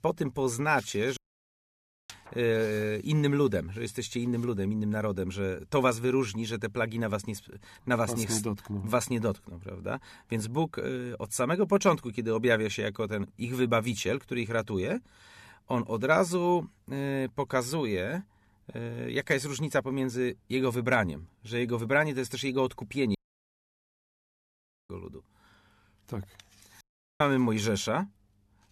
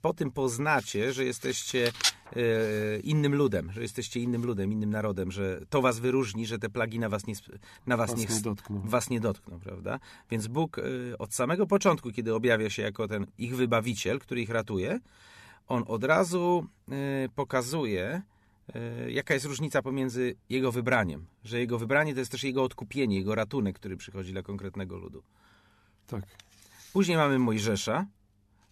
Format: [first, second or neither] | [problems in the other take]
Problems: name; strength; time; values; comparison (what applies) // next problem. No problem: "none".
second | audio cutting out; at 1 s for 1 s, at 23 s for 1.5 s and at 27 s